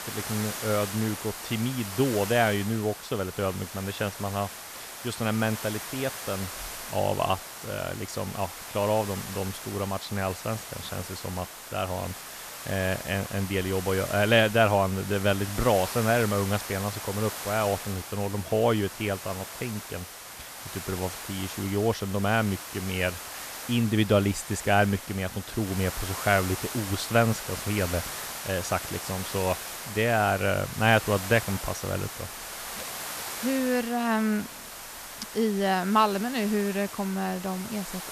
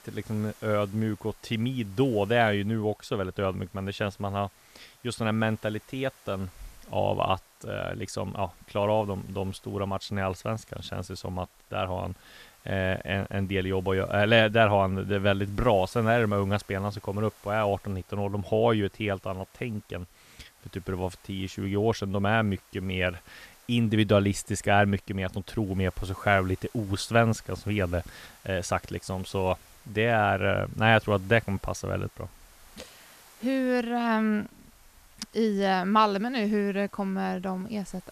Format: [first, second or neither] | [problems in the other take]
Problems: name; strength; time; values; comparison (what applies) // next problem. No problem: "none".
second | hiss; loud; throughout; 8 dB below the speech; faint in the second